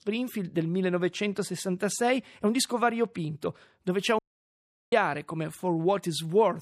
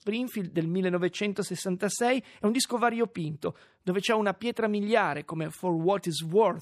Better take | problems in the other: second | audio cutting out; at 4 s for 0.5 s

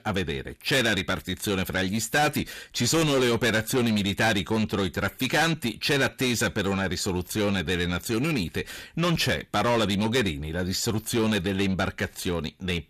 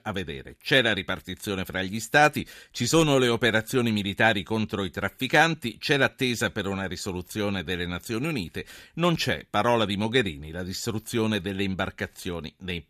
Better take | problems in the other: second | distortion; heavy; 6 dB below the speech

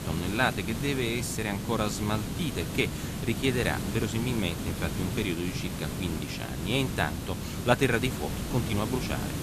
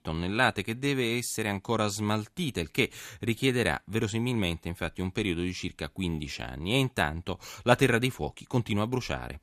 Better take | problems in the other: second | hiss; loud; throughout; 4 dB below the speech

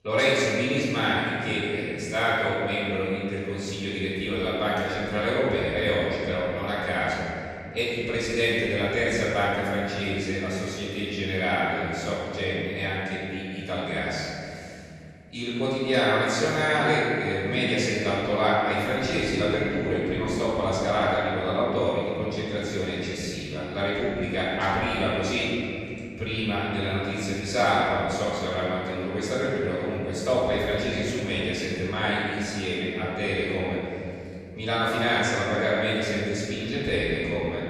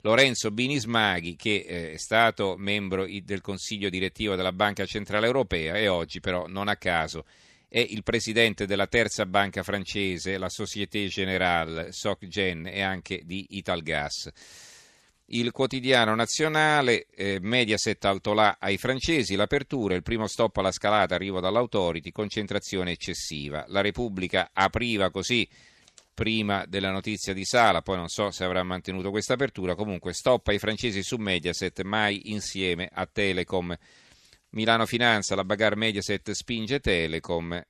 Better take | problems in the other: second | off-mic speech; far // room echo; strong; dies away in 2.8 s

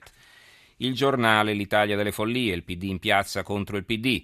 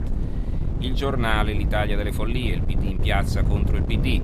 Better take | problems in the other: first | wind noise on the microphone; heavy; 9 dB below the speech

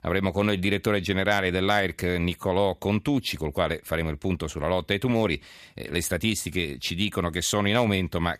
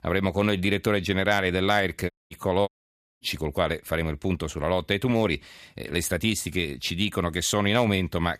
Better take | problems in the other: first | audio cutting out; at 2 s and at 2.5 s for 0.5 s

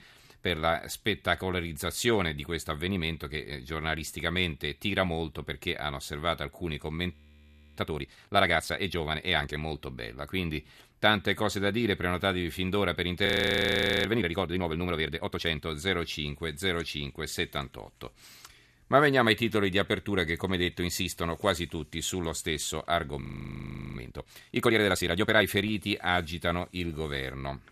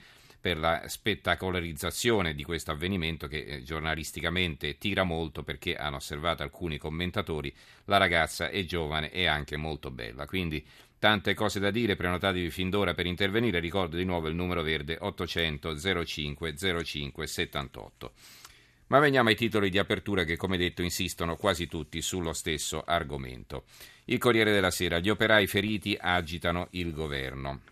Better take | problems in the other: second | audio freezing; at 7 s for 0.5 s, at 13 s for 1 s and at 23 s for 0.5 s

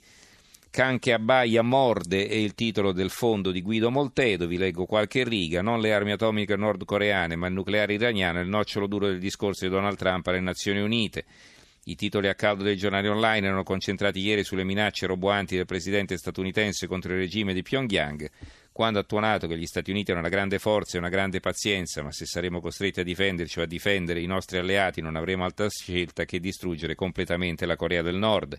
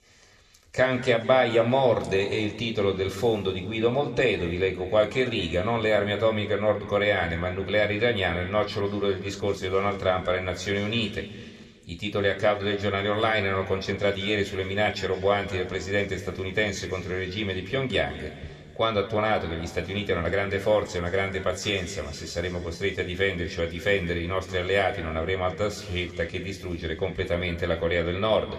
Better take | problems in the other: first | room echo; slight; dies away in 1.9 s

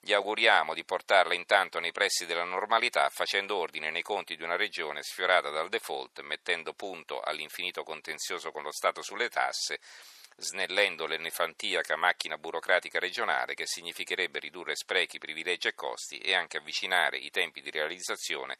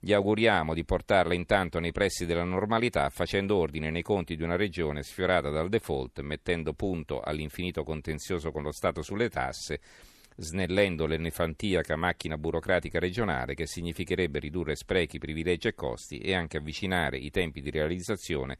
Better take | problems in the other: second | thin; very; fading below 850 Hz

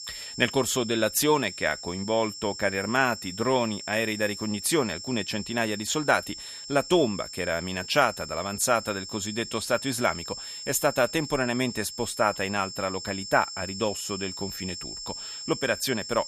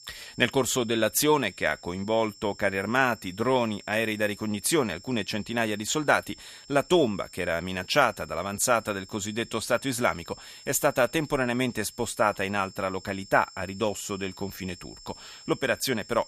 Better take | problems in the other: second | high-pitched whine; loud; throughout; 5.5 kHz, 9 dB below the speech; faint in the second

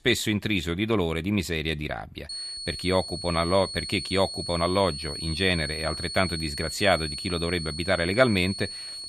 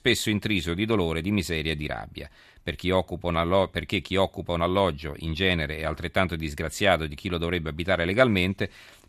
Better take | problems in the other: second | high-pitched whine; loud; from 2.5 s on; 4.5 kHz, 7 dB below the speech

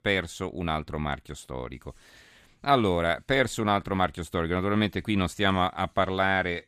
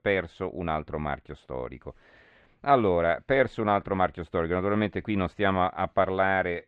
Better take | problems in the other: first | muffled; very; fading above 2 kHz

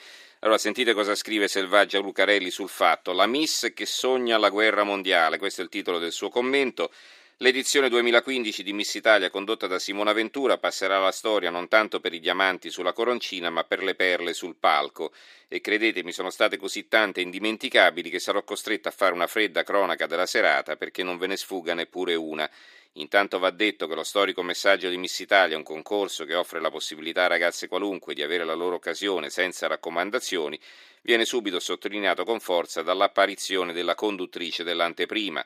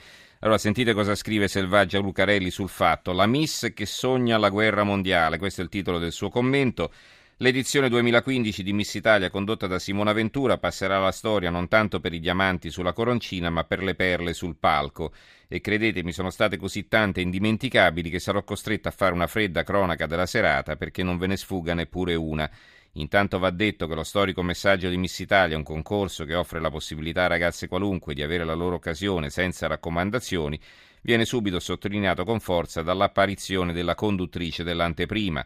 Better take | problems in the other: second | thin; somewhat; fading below 350 Hz

